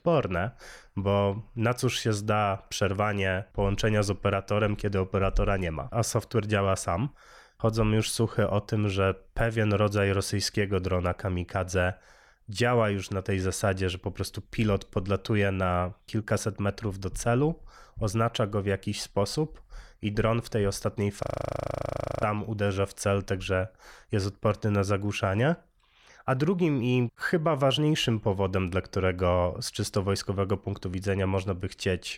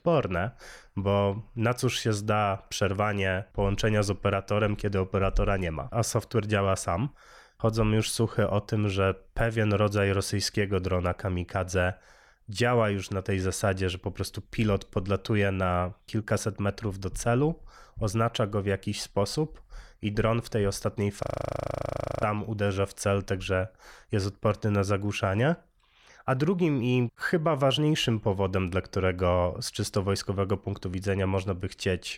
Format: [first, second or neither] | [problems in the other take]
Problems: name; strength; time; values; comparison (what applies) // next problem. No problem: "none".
neither | audio freezing; at 21 s for 1 s; the same in both